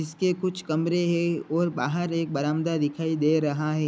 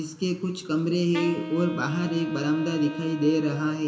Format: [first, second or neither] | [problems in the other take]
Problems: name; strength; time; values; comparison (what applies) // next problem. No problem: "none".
first | background sound (Wind instrument, woodwind instrument); 11 dB below the speech // room echo; dies away in 1.7 s